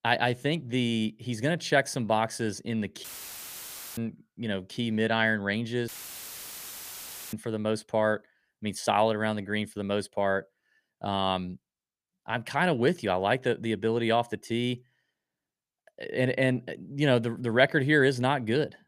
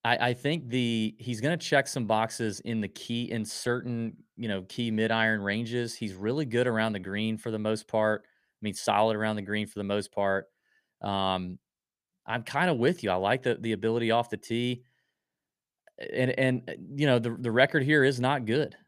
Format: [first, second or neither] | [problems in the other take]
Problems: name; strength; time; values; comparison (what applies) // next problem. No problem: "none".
second | audio cutting out; filled with static; at 3 s for 1 s and at 6 s for 1.5 s